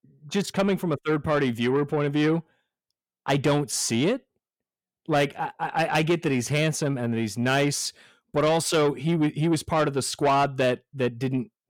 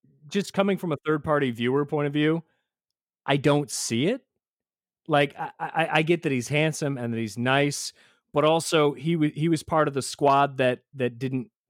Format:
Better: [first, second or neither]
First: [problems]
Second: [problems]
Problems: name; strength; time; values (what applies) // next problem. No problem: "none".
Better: second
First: distortion; slight; 10 dB below the speech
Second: none